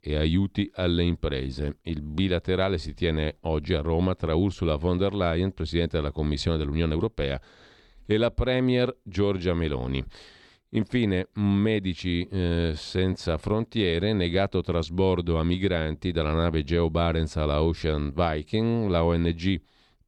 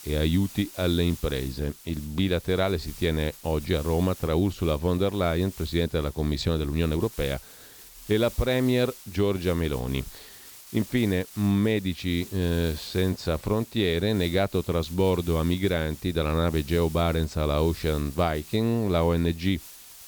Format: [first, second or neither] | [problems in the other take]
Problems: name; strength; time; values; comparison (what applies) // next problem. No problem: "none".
first | hiss; noticeable; throughout; 15 dB below the speech